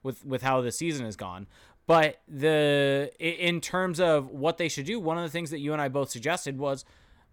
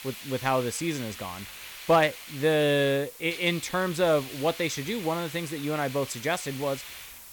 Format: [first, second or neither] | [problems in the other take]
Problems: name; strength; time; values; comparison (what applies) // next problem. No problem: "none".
first | hiss; noticeable; throughout; 10 dB below the speech